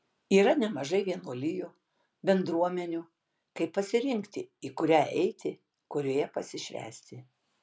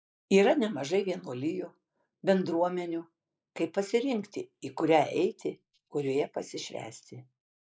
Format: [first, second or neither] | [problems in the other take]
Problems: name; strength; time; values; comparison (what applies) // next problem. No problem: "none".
first | noise reduction (neural mask model Resemble Enhance denoiser)